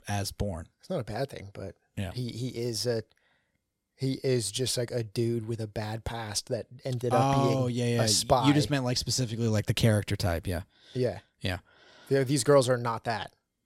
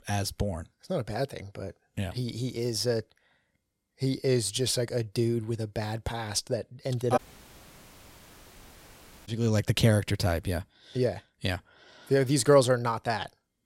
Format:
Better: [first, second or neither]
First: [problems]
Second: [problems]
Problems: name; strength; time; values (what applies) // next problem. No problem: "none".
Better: first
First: none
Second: audio cutting out; at 7 s for 2 s